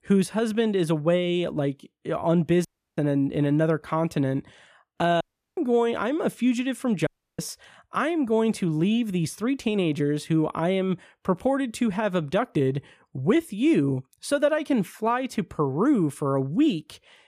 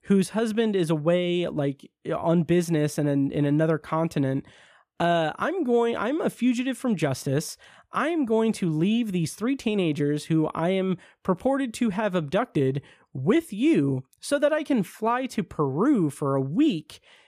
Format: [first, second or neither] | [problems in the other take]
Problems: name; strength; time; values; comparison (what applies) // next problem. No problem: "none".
second | audio cutting out; at 2.5 s, at 5 s and at 7 s